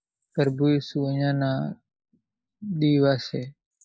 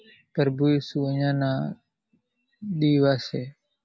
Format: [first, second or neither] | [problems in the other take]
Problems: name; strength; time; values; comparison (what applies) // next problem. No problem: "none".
second | noise reduction (neural mask model Resemble Enhance denoiser)